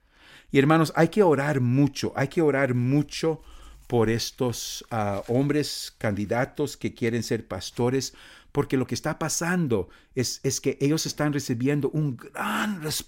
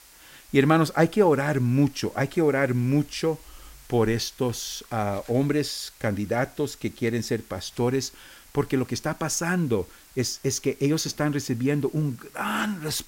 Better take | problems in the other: first | hiss; faint; throughout; 25 dB below the speech

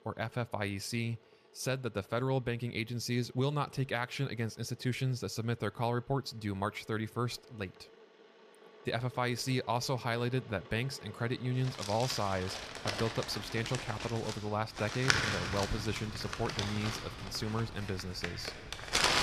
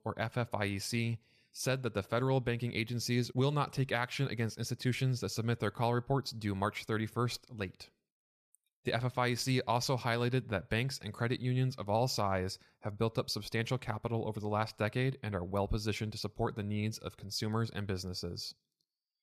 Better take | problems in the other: second | household noises; loud; throughout; 2 dB below the speech

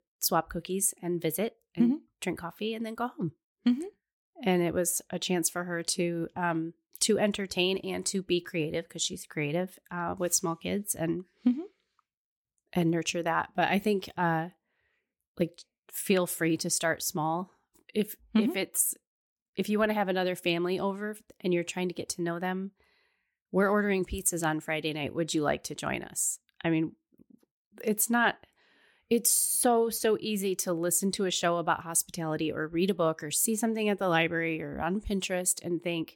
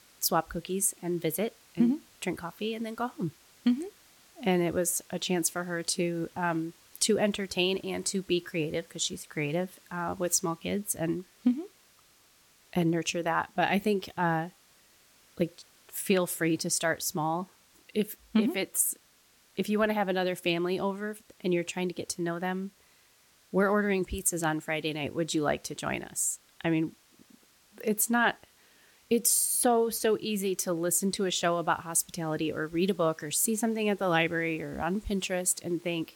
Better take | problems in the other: first | hiss; faint; throughout; 30 dB below the speech

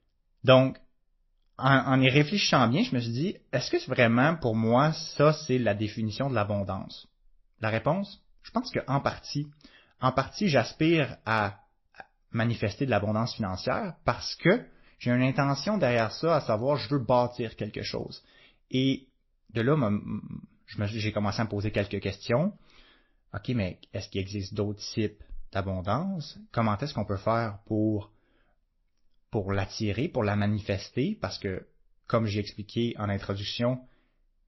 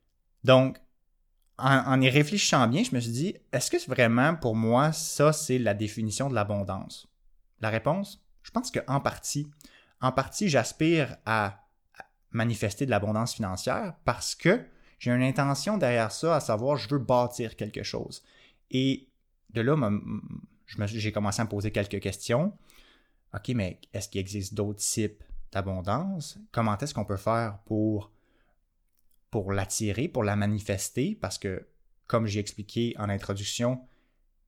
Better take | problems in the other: second | garbled, watery; slightly; nothing above 5.5 kHz

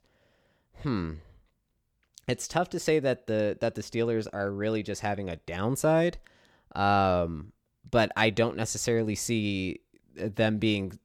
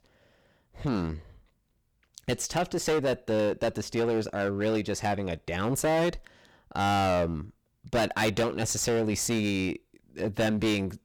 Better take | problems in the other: first | distortion; heavy; 13% of the sound clipped

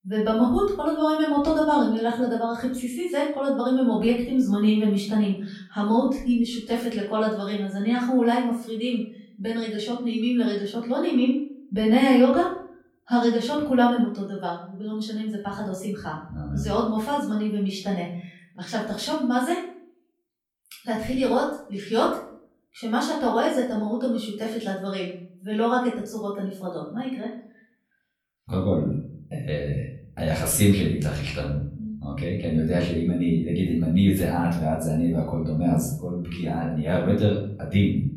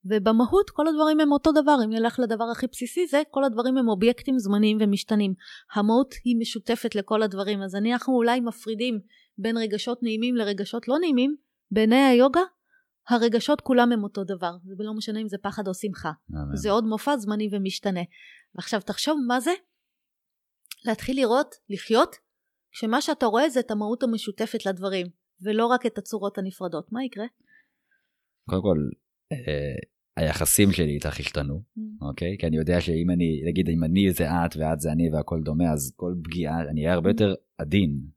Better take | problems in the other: second | room echo; noticeable; dies away in 0.5 s // off-mic speech; far

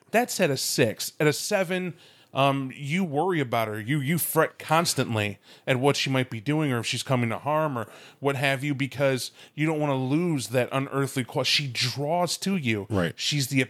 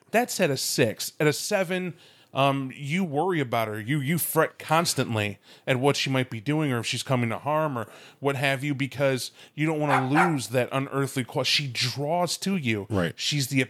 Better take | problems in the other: first | dog barking; loud; at 10 s; peak 3 dB above the speech

